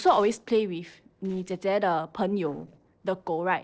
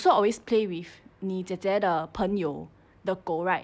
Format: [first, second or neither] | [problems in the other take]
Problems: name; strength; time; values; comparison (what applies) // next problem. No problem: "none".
second | noise reduction (neural separator model SepFormer DNS4)